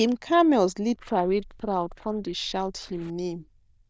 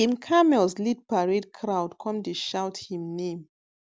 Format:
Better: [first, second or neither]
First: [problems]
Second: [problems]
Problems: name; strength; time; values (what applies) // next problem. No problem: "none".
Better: second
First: noise reduction (neural diffusion model UNIVERSE++)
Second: none